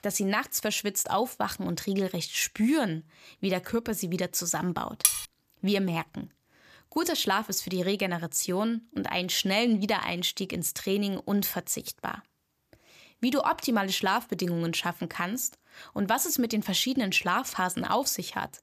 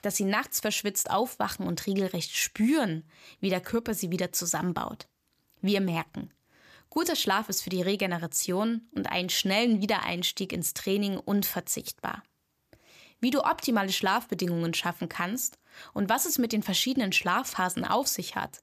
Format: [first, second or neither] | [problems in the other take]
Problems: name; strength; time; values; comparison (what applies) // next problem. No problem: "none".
second | clattering dishes; loud; at 5 s; peak 4 dB above the speech